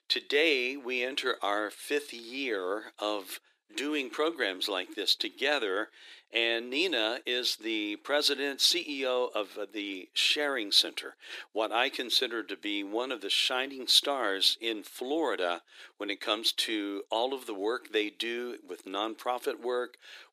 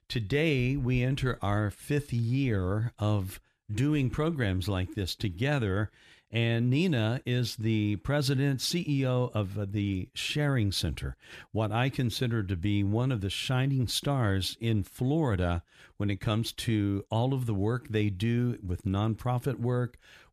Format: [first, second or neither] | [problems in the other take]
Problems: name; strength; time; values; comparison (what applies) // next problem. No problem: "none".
second | thin; very; fading below 350 Hz